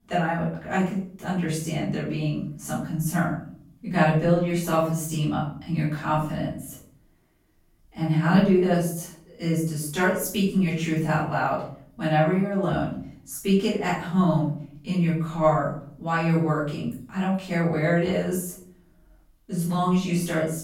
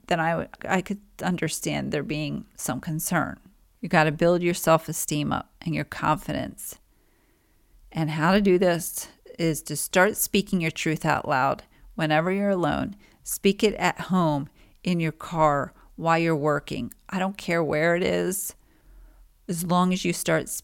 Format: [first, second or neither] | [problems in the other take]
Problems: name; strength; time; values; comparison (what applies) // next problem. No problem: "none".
second | off-mic speech; far // room echo; noticeable; dies away in 0.6 s